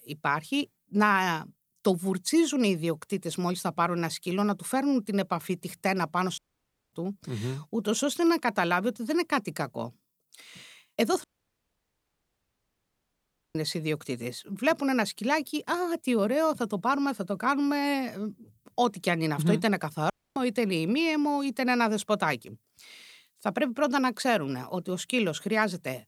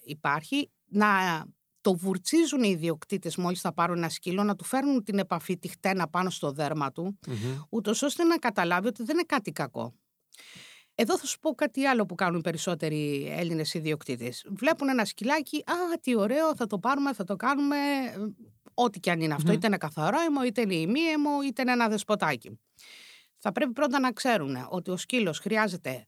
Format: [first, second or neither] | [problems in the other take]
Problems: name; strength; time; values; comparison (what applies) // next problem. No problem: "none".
second | audio cutting out; at 6.5 s for 0.5 s, at 11 s for 2.5 s and at 20 s